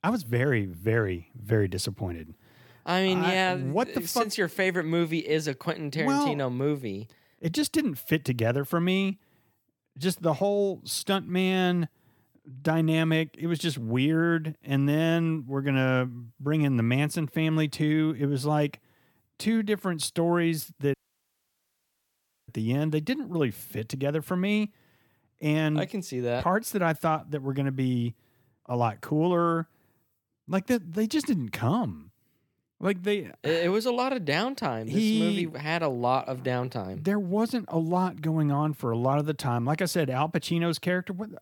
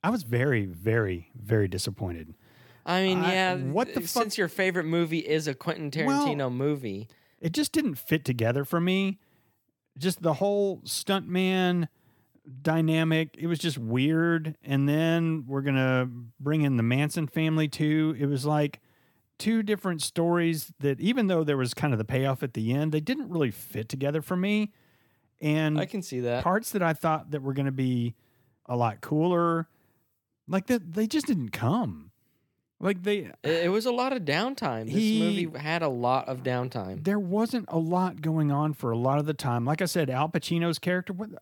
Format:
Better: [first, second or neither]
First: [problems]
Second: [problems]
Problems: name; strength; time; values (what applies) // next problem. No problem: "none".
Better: second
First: audio cutting out; at 21 s for 1.5 s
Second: none